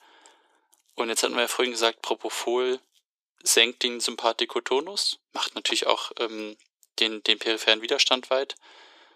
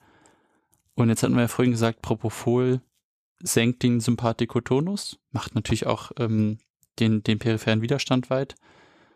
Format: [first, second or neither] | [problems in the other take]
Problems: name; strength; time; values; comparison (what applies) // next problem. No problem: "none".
second | thin; very; fading below 350 Hz